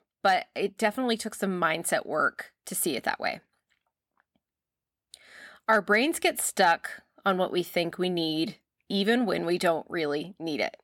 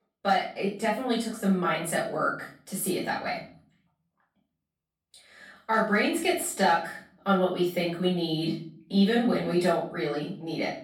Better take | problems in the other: first | off-mic speech; far // room echo; noticeable; dies away in 0.6 s

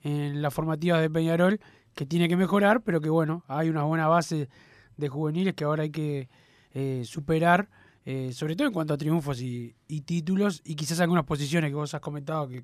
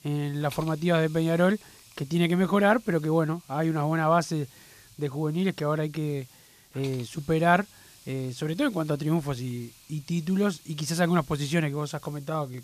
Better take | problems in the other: first | hiss; faint; throughout; 25 dB below the speech

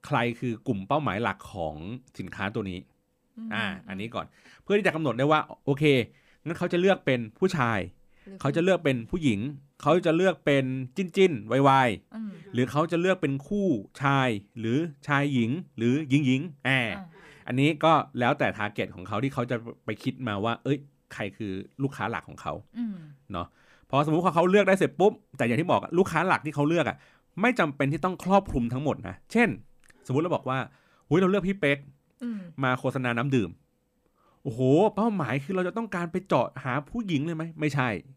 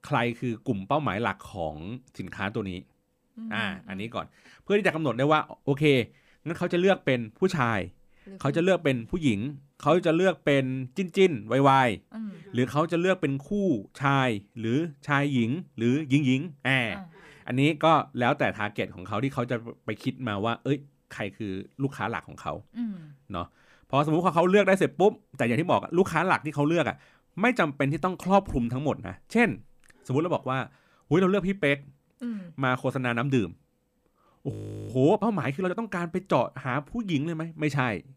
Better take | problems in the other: first | audio freezing; at 35 s

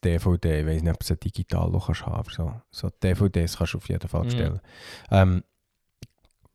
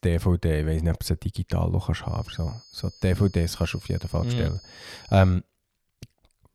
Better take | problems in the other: first | high-pitched whine; faint; from 2 to 5.5 s; 5 kHz, 20 dB below the speech

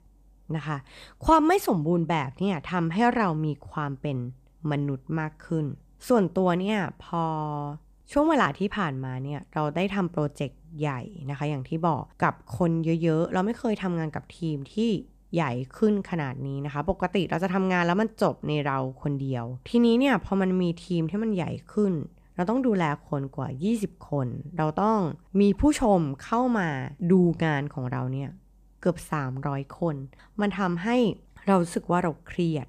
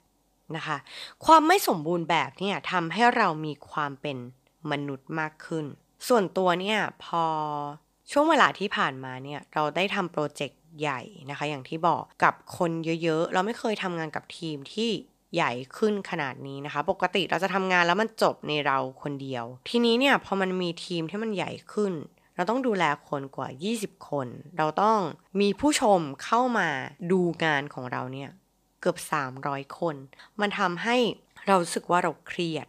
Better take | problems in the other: first | thin; somewhat; fading below 700 Hz

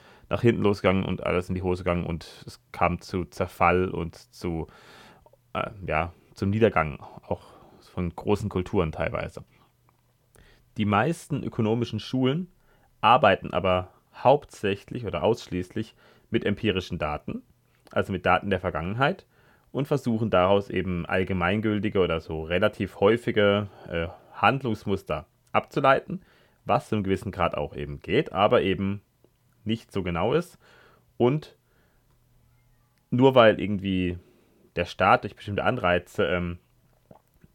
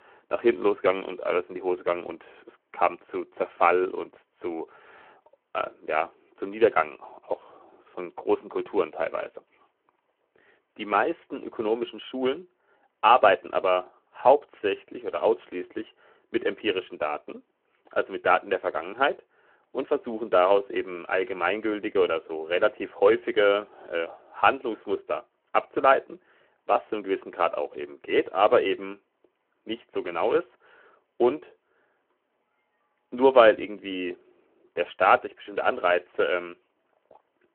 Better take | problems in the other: first | phone-call audio

